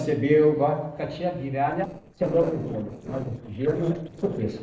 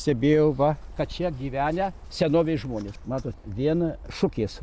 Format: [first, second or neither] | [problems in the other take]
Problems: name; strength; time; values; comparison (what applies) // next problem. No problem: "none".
second | noise reduction (neural separator model SepFormer DNS4)